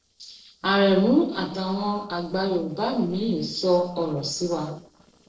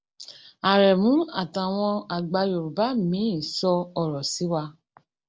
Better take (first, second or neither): second